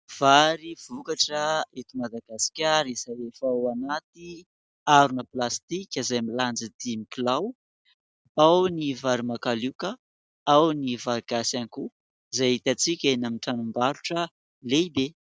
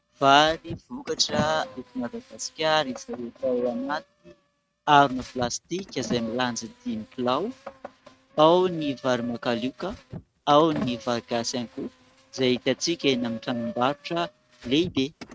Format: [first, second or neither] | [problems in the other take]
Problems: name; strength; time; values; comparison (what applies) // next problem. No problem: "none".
first | noise reduction (neural mask model RNNoise)